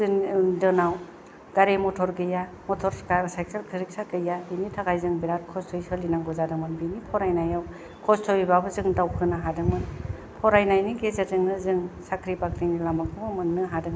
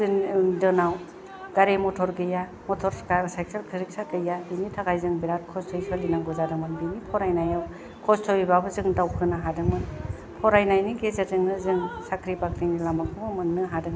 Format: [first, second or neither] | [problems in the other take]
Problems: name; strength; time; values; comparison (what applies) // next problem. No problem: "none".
first | background sound (Drip); 16 dB below the speech